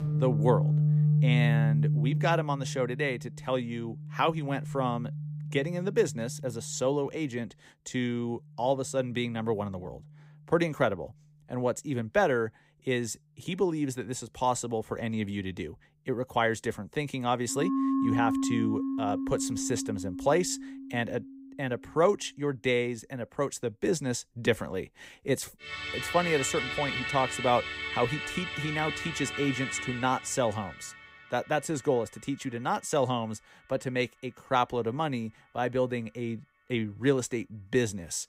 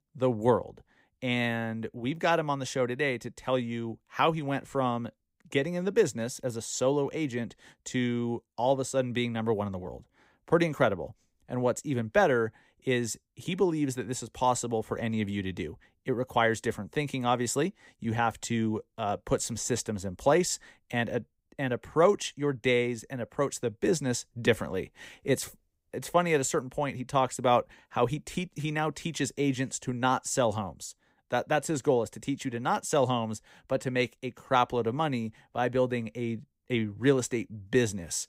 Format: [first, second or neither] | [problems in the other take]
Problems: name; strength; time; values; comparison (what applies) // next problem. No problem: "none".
second | background music; loud; throughout; 1 dB below the speech